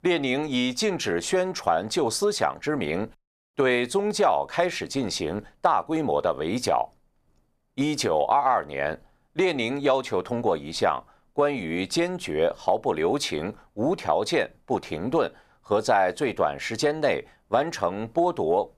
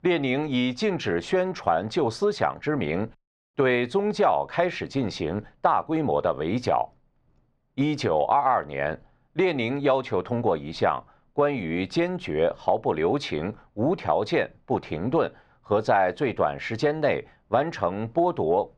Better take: first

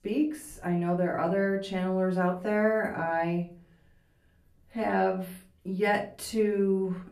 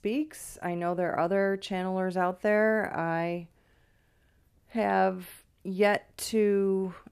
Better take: second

